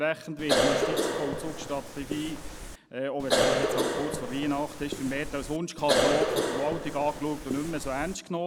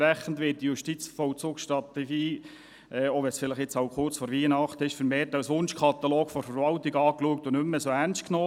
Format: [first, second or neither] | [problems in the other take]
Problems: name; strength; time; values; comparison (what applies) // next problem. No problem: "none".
second | background sound (Cough); 3 dB above the speech